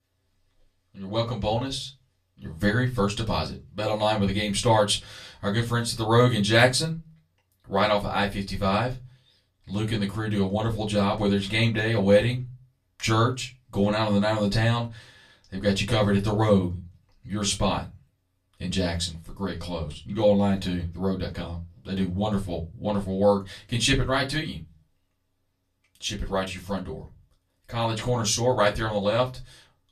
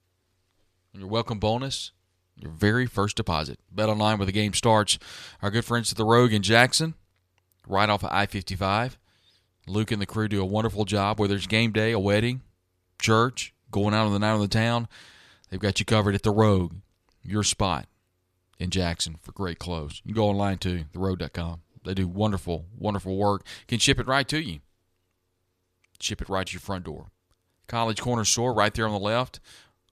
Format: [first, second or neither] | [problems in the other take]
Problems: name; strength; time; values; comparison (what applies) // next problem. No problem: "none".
second | off-mic speech; far // room echo; very slight; dies away in 0.2 s